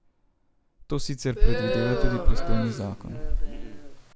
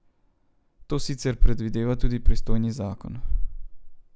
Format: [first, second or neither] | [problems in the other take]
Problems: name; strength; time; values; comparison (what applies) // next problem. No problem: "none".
second | background sound (Crowd); 9 dB below the speech